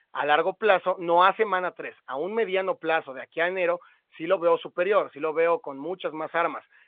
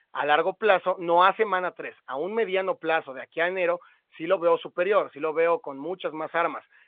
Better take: neither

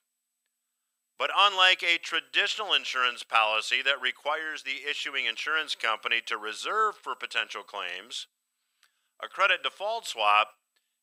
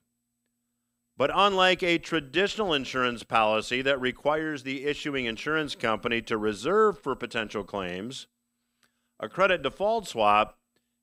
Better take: second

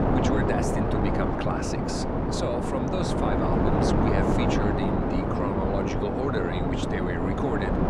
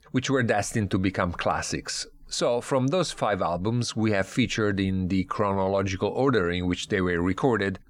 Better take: second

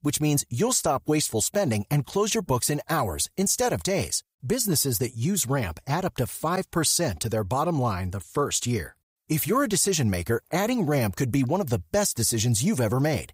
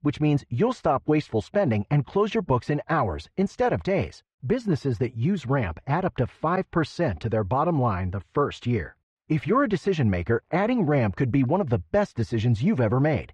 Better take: first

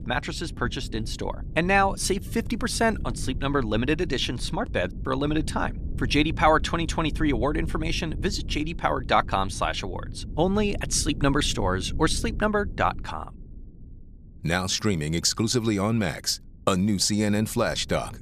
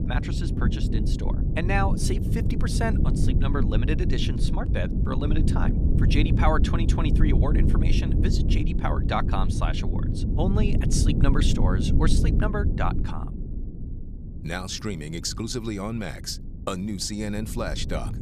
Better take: first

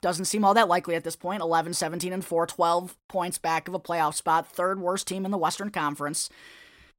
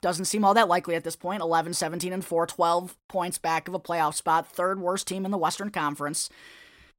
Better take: neither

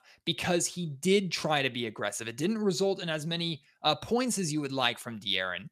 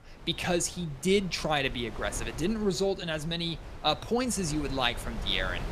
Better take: first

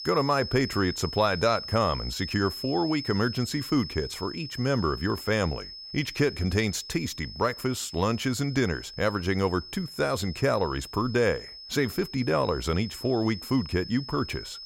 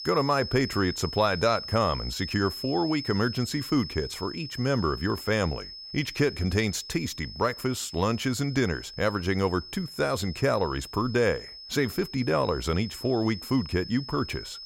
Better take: neither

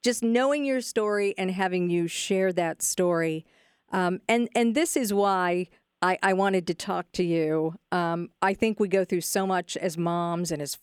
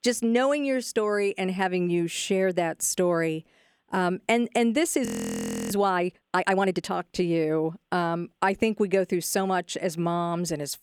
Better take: first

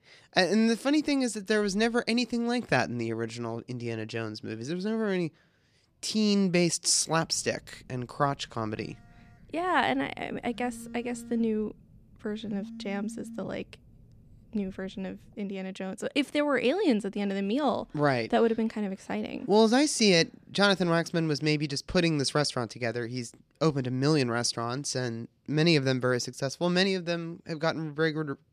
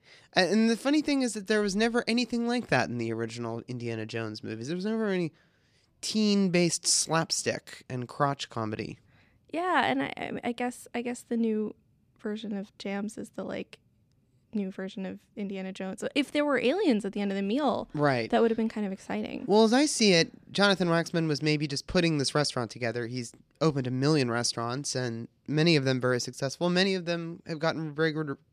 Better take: second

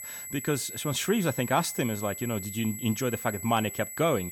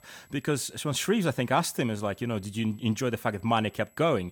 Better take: second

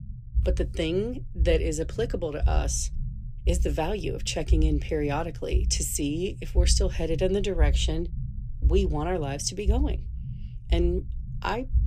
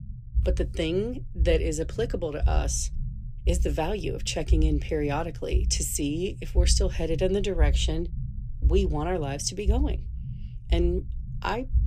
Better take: neither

